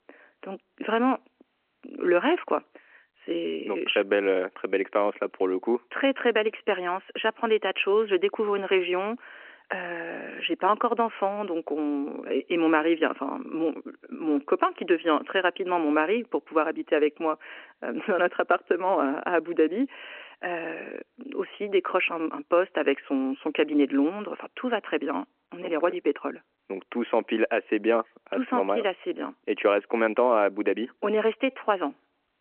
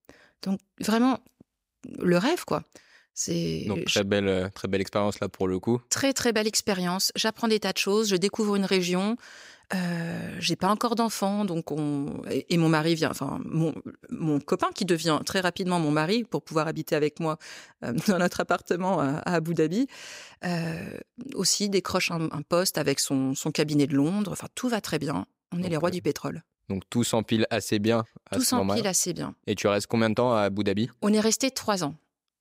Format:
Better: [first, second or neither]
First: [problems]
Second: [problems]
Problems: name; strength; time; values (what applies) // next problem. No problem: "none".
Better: second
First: phone-call audio; nothing above 3 kHz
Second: none